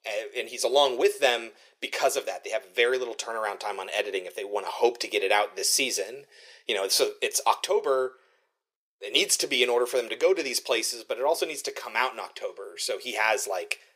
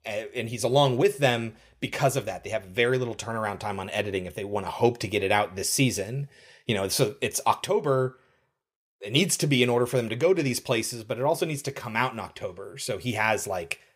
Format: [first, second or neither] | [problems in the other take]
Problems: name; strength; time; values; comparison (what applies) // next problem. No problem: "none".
second | thin; very; fading below 400 Hz